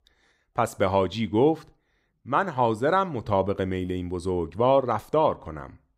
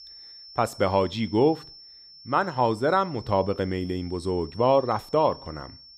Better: first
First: none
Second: high-pitched whine; noticeable; throughout; 5.5 kHz, 20 dB below the speech

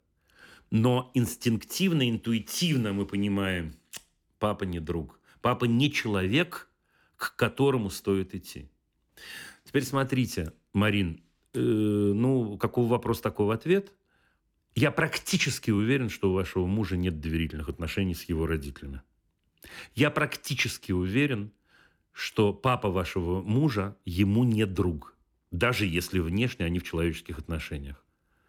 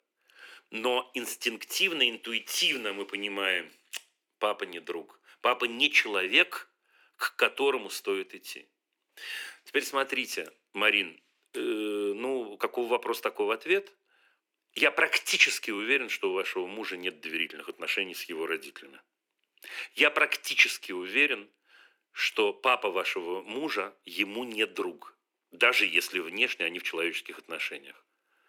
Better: first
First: none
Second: thin; very; fading below 350 Hz

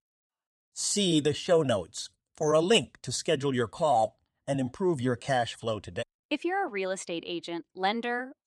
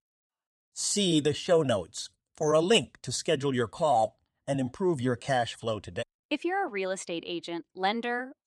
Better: neither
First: none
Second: none

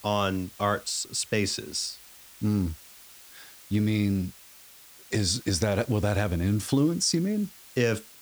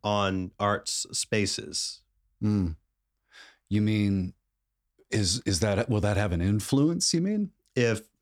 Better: second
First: hiss; noticeable; throughout; 20 dB below the speech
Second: none

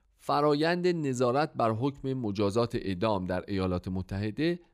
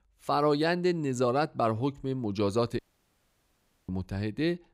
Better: first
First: none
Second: audio cutting out; at 3 s for 1 s

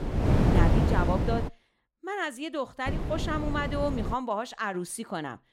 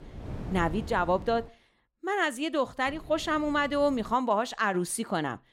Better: second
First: wind noise on the microphone; heavy; until 1.5 s and from 3 to 4 s; 2 dB below the speech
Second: wind noise on the microphone; occasional gusts; until 1.5 s and from 3 to 4 s; 20 dB below the speech

